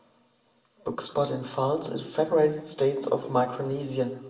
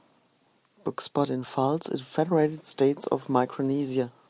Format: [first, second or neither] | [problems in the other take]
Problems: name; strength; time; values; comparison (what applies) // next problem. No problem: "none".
second | room echo; dies away in 0.6 s